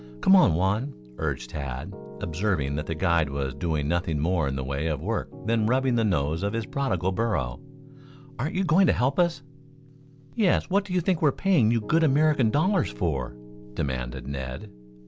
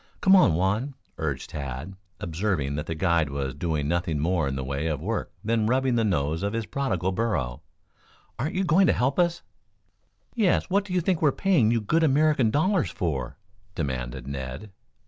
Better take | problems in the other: second | background sound (Piano); 18 dB below the speech

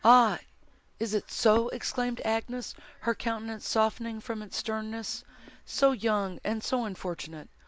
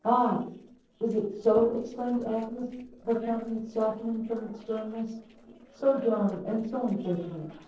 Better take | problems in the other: first | noise reduction (neural separator model SepFormer DNS4)

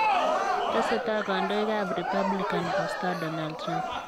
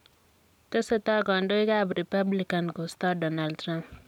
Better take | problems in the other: second | background sound (Crowd); 3 dB above the speech

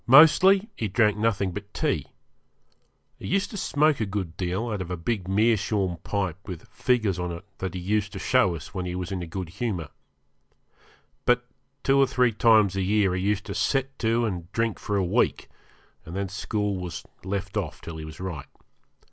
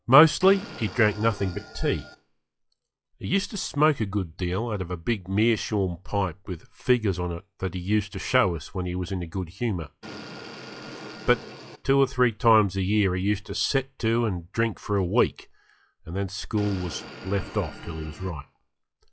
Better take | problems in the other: first | noise reduction (classical method log-MMSE)

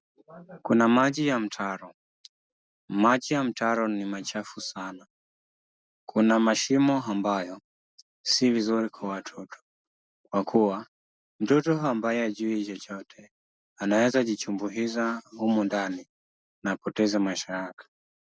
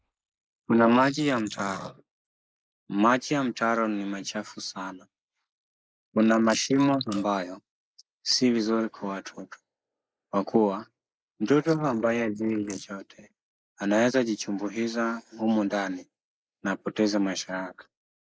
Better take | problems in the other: first | noise reduction (neural mask model Resemble Enhance denoiser)

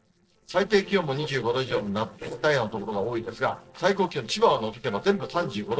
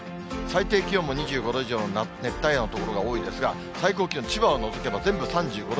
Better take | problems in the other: second | noise reduction (neural separator model SepFormer DNS4)

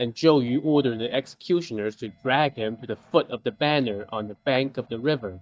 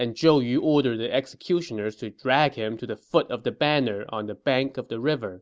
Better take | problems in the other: second | noise reduction (neural mask model DeepFilterNet 3)

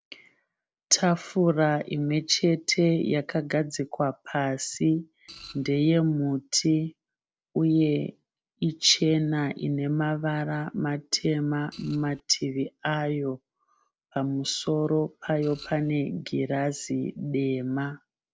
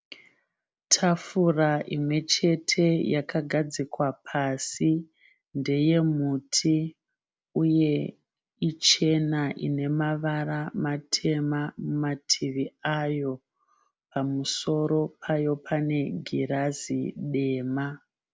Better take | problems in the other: second | noise reduction (neural separator model SepFormer DNS4)

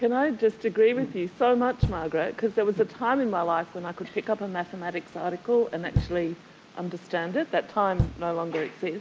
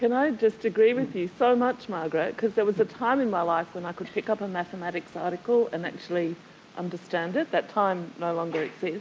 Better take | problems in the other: second | background sound (Knock); 6 dB below the speech

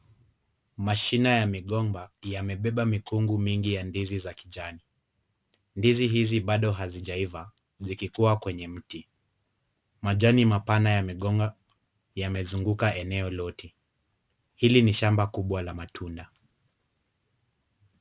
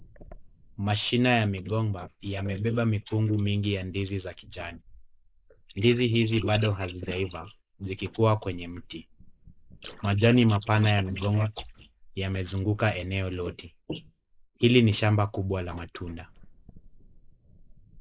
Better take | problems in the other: first | noise reduction (neural mask model Resemble Enhance denoiser)

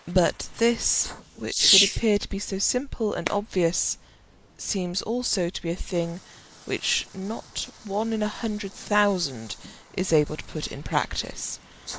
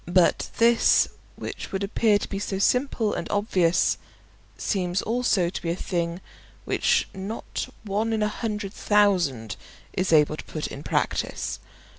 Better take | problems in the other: second | noise reduction (neural mask model Resemble Enhance denoiser)

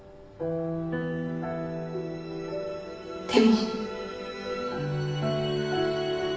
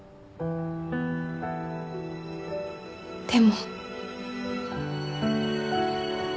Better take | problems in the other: second | background sound (Bowed string instrument); 4 dB below the speech // room echo; dies away in 0.9 s

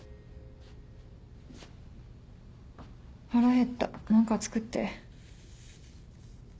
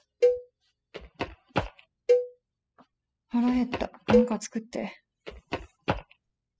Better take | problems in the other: first | noise reduction (classical method spectral subtraction)

